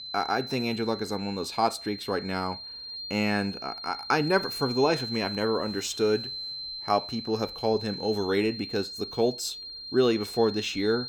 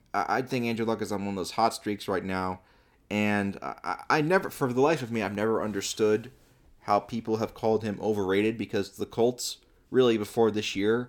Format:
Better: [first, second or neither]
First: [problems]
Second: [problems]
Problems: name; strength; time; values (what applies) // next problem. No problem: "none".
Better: second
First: high-pitched whine; loud; throughout; 4 kHz, 8 dB below the speech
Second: none